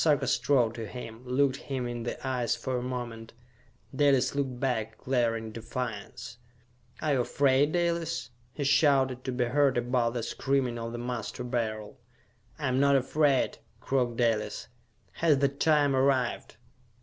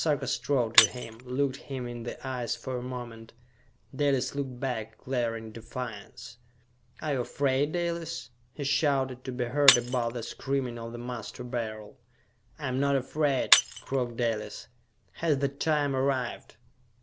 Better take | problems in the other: first | background sound (Shatter); 3 dB below the speech

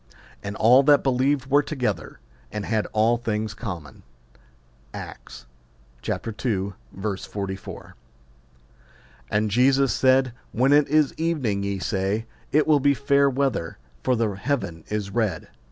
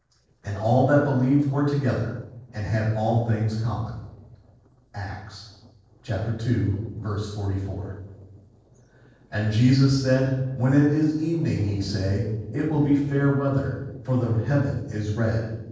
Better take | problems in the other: first | noise reduction (neural separator model SepFormer DNS4)

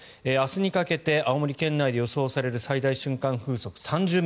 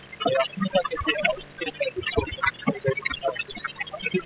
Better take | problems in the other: first | noise reduction (classical method spectral subtraction)

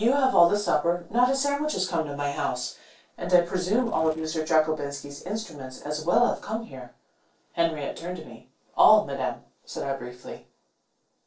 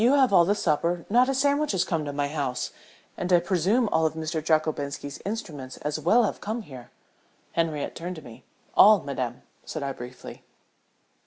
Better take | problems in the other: second | noise reduction (neural separator model SepFormer DNS4)

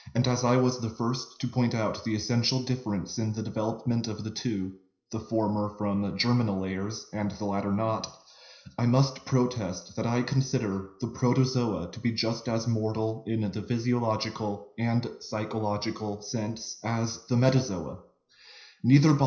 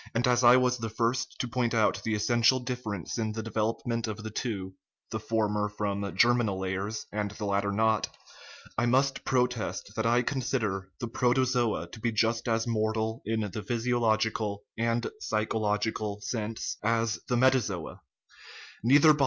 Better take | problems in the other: second | noise reduction (neural separator model SepFormer DNS4)

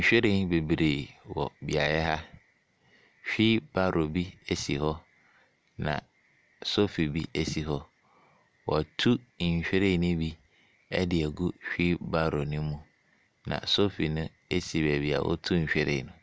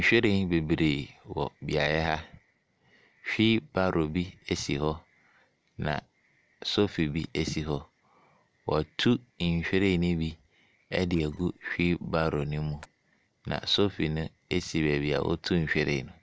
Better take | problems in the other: first | noise reduction (neural separator model SepFormer DNS4)

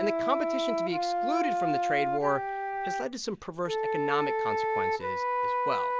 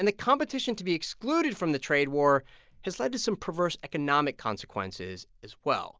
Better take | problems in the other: second | background sound (Wind instrument, woodwind instrument); 4 dB above the speech

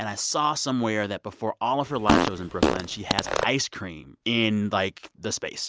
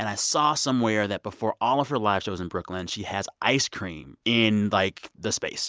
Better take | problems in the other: second | background sound (Fart); 2 dB above the speech

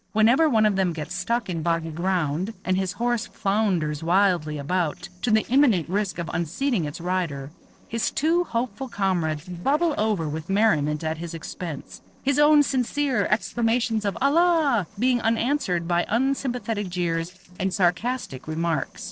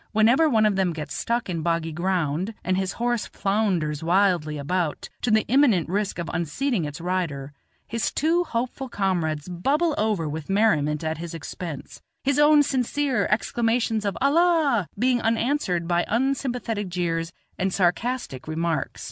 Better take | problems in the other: second | noise reduction (neural separator model SepFormer DNS4)

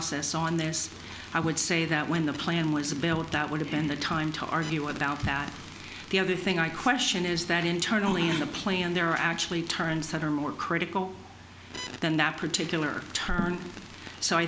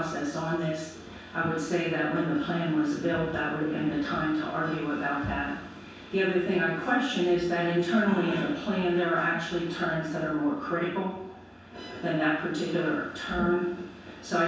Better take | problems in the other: first | room echo; dies away in 0.7 s

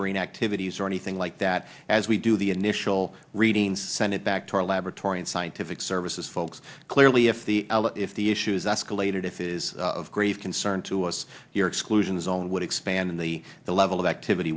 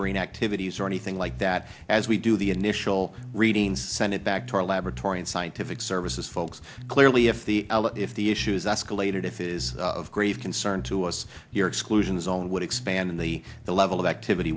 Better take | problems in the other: first | background sound (Bass guitar); 14 dB below the speech

